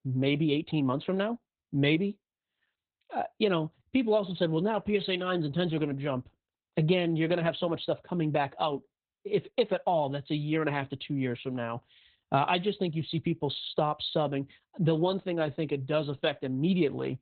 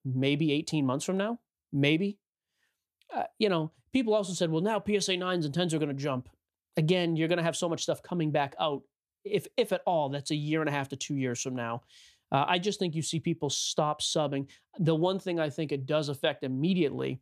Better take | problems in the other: second | garbled, watery; badly; nothing above 4 kHz

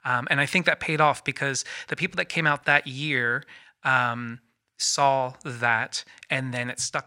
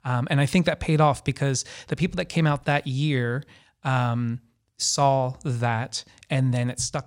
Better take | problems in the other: second | thin; somewhat; fading below 650 Hz

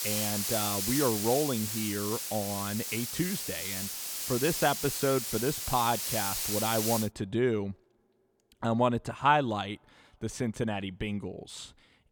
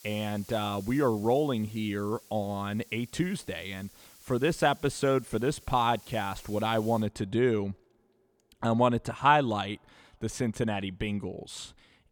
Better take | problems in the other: second | hiss; loud; until 7 s; 1 dB below the speech; faint in the second

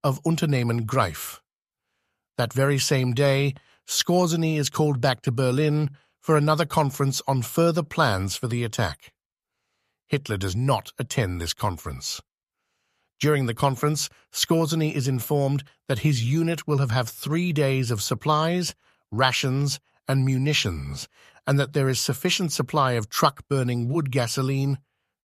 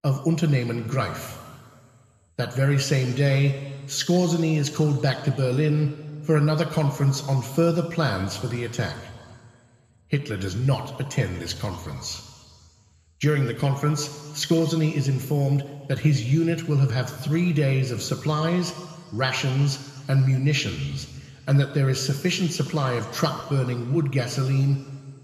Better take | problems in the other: first | room echo; slight; dies away in 2.1 s

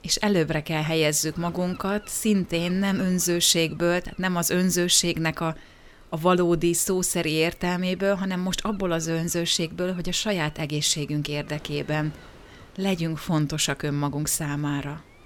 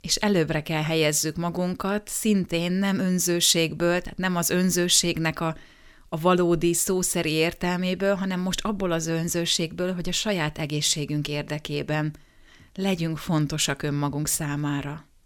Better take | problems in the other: second | wind noise on the microphone; occasional gusts; 25 dB below the speech

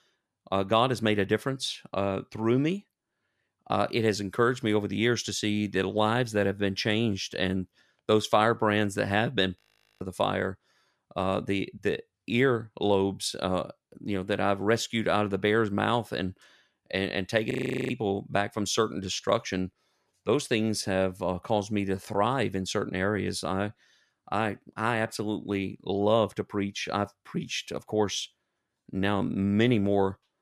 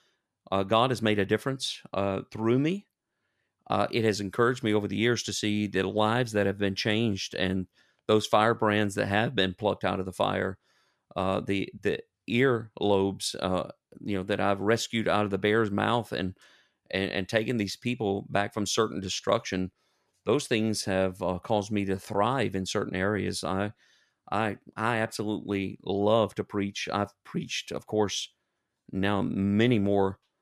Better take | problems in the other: second | audio freezing; at 9.5 s and at 18 s

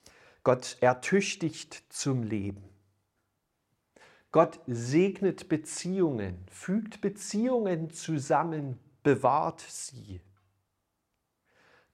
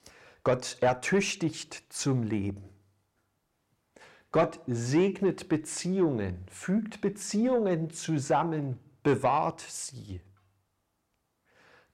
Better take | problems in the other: first | distortion; slight; 10 dB below the speech

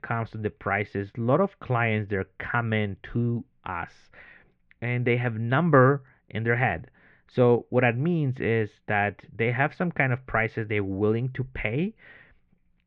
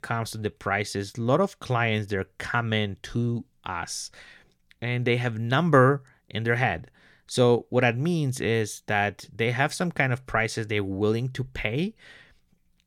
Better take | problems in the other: second | muffled; very; fading above 2.5 kHz

